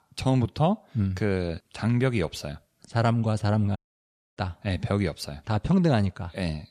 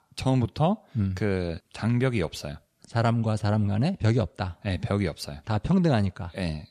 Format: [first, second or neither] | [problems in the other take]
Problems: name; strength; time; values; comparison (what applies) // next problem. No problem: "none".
second | audio cutting out; at 4 s for 0.5 s